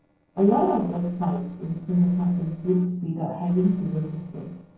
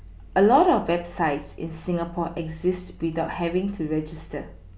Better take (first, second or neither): second